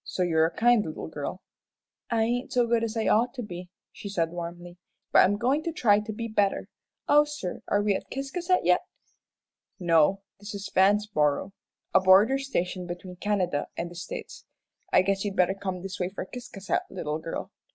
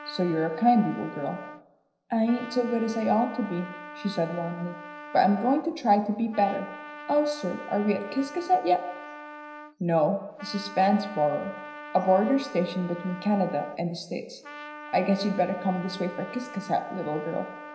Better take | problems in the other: first | background sound (Trumpet); 15 dB below the speech // room echo; dies away in 0.9 s

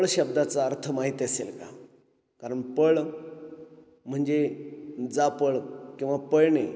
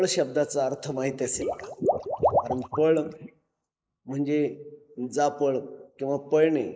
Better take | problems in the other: first | noise reduction (neural mask model Resemble Enhance denoiser)

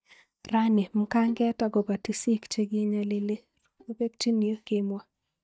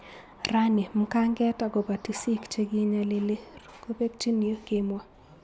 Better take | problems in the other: second | noise reduction (neural mask model DeepFilterNet 3)

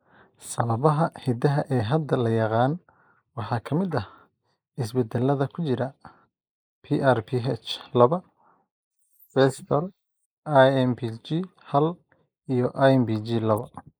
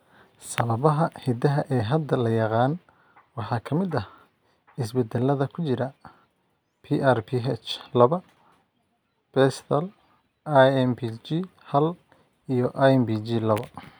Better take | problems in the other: second | noise reduction (neural mask model Resemble Enhance denoiser)

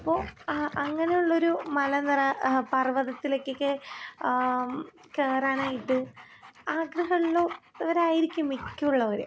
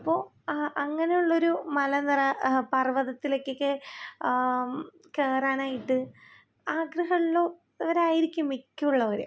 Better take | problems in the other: second | background sound (Dog); 17 dB below the speech

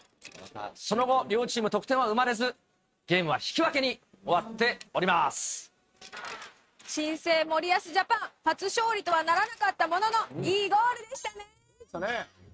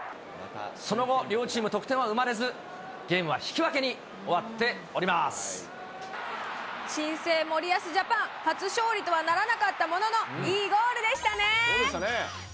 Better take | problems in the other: second | noise reduction (neural mask model RNNoise)

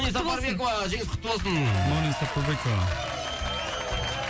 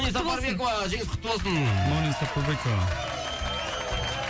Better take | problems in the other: second | background sound (Fart); 19 dB below the speech

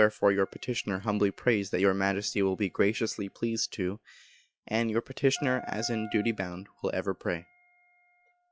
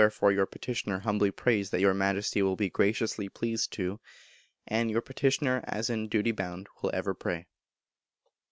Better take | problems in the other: second | noise reduction (classical method log-MMSE)

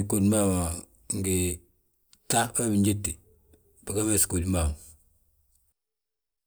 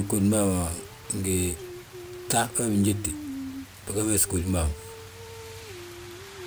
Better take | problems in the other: first | background sound (Rain); 12 dB below the speech

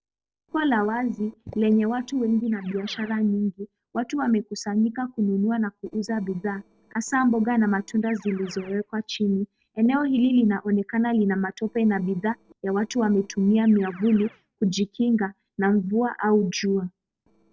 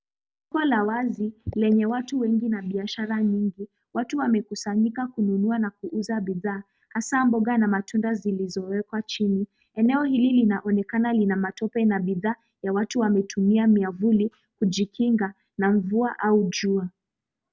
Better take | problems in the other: second | noise reduction (neural separator model SepFormer DNS4)

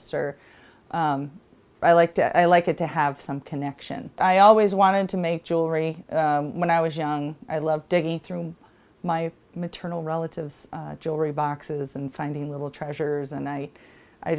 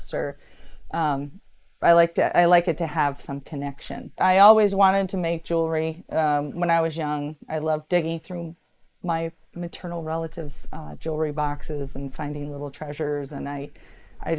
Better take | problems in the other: first | noise reduction (neural mask model Resemble Enhance denoiser)

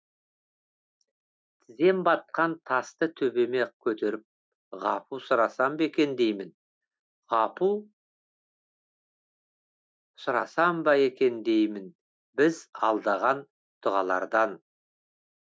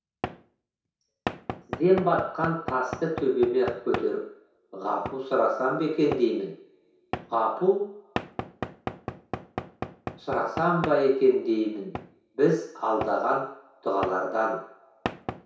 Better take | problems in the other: first | background sound (Knock / Wood); 11 dB below the speech // room echo; dies away in 0.6 s

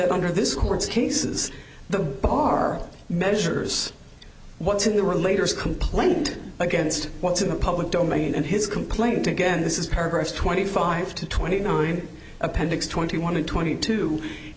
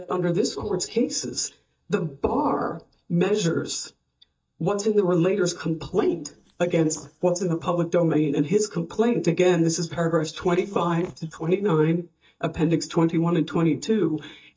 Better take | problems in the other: first | noise reduction (neural mask model DeepFilterNet 3)

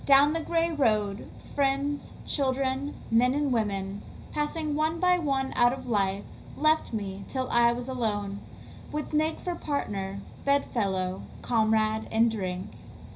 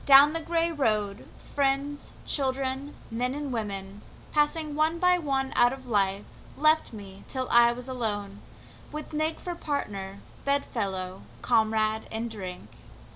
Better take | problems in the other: second | room echo; dies away in 0.5 s

